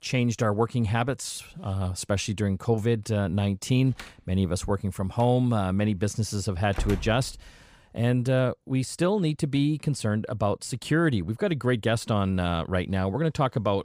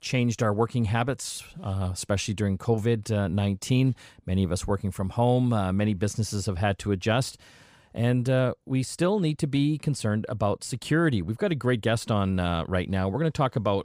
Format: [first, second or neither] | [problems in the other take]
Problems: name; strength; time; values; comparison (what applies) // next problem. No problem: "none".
second | door banging; noticeable; from 4 to 7.5 s; peak 7 dB below the speech